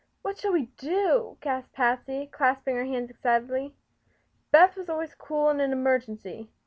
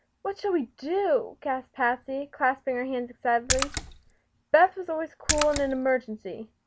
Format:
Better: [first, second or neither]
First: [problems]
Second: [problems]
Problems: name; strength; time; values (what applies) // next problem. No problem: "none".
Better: first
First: none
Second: background sound (Splash, splatter); 3 dB below the speech